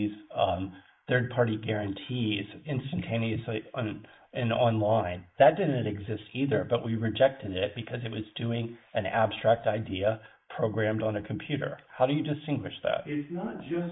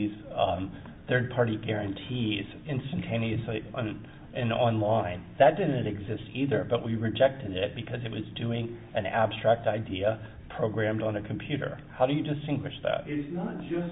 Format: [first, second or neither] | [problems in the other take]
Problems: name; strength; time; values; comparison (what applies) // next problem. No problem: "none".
second | noise reduction (neural mask model Resemble Enhance denoiser)